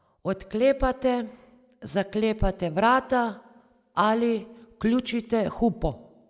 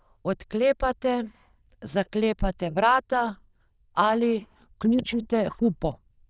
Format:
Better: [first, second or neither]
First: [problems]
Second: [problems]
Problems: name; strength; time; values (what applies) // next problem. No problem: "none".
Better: first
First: none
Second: noise reduction (neural diffusion model UNIVERSE++)